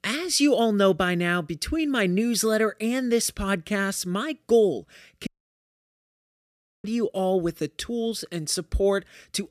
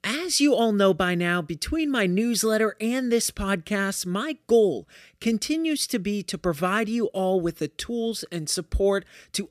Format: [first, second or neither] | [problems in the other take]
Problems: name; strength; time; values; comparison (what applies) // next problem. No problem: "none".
second | audio cutting out; at 5.5 s for 1.5 s